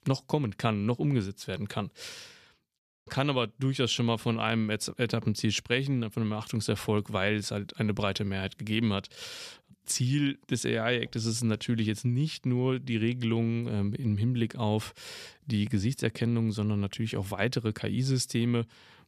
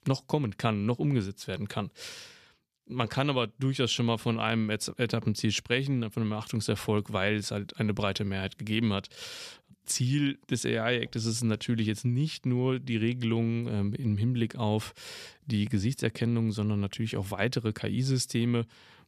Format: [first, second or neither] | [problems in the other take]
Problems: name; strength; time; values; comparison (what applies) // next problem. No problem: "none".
second | audio cutting out; at 3 s